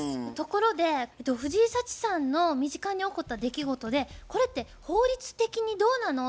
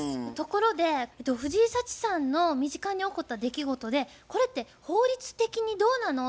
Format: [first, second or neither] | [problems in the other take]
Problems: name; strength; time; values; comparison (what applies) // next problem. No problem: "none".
second | background sound (Drum kit); 20 dB below the speech